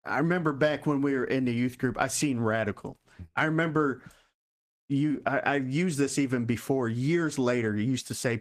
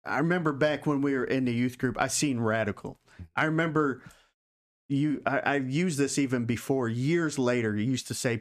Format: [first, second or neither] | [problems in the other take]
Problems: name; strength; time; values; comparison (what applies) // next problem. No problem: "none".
second | garbled, watery; slightly; nothing above 14.5 kHz